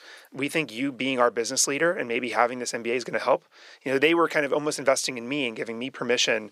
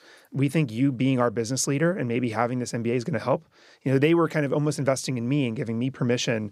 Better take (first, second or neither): second